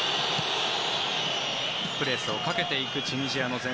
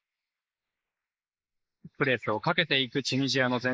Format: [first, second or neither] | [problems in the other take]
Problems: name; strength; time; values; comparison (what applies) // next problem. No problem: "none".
first | noise reduction (neural mask model Resemble Enhance denoiser)